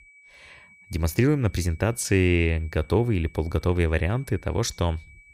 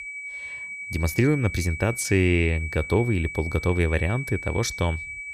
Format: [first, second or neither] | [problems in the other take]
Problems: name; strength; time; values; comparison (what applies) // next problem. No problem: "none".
first | high-pitched whine; loud; throughout; 2.5 kHz, 8 dB below the speech; faint in the first